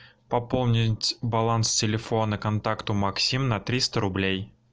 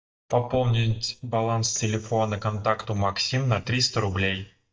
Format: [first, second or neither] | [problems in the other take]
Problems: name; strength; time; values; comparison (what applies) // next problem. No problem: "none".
first | noise reduction (neural mask model DeepFilterNet 3)